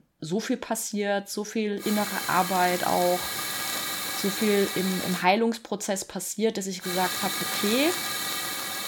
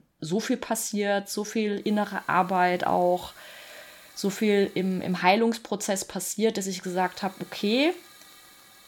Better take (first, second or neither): second